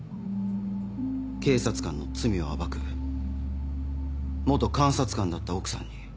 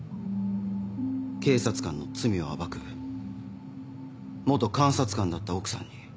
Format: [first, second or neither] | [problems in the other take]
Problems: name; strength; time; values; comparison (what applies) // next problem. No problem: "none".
second | background sound (Engine); 5 dB below the speech